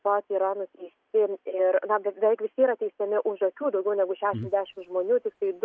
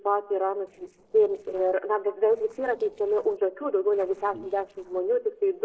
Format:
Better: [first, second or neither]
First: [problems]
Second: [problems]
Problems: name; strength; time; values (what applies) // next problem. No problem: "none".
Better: first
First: none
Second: noise reduction (neural separator model SepFormer DNS4)